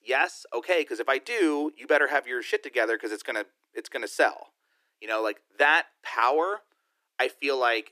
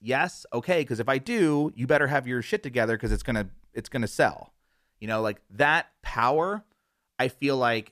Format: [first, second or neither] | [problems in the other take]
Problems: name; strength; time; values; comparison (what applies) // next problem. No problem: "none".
second | thin; somewhat; fading below 300 Hz